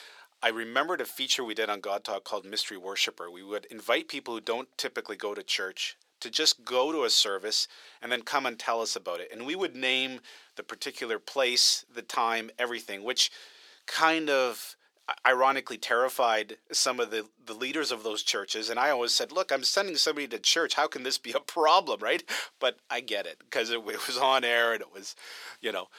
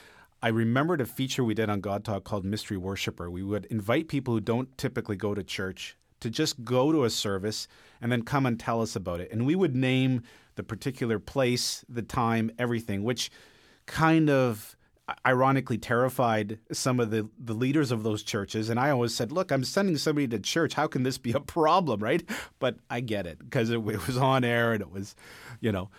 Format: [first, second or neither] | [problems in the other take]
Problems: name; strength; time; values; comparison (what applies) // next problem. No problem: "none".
second | thin; very; fading below 450 Hz